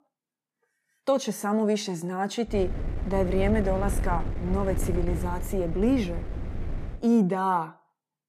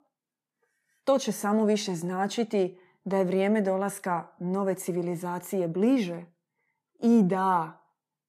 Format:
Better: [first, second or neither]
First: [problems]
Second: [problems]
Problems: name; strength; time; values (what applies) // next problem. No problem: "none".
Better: second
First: wind noise on the microphone; occasional gusts; from 2.5 to 7 s; 15 dB below the speech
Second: none